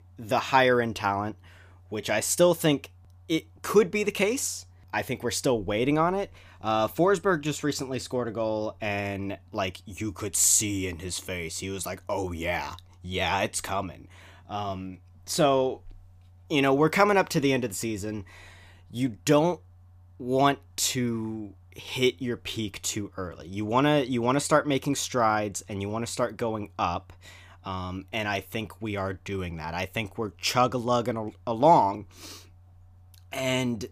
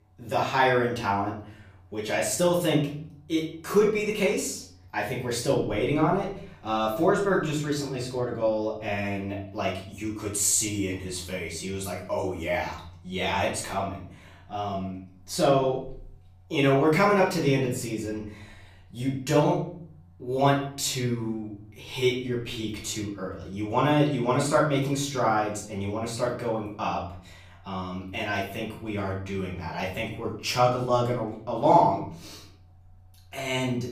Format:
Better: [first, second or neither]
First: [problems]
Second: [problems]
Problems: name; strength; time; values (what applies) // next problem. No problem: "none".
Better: first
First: none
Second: room echo; slight; dies away in 0.5 s // off-mic speech; far